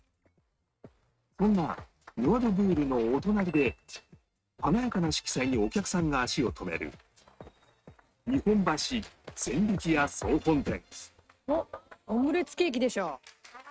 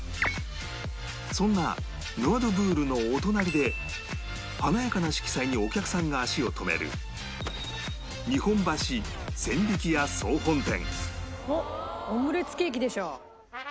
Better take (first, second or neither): second